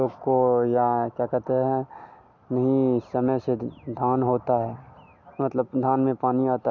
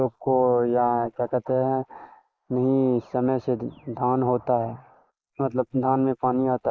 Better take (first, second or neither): first